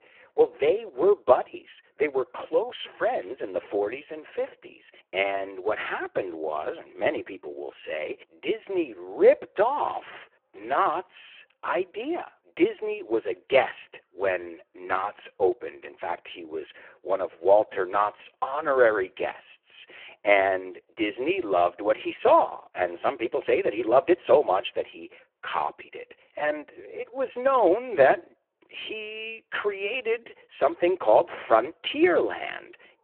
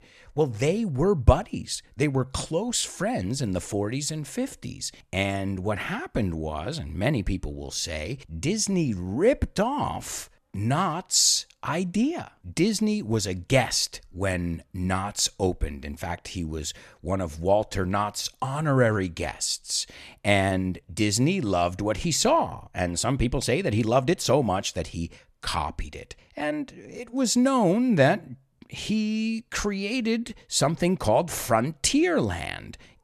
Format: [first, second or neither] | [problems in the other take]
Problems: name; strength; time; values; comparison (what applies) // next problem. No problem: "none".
second | phone-call audio; poor line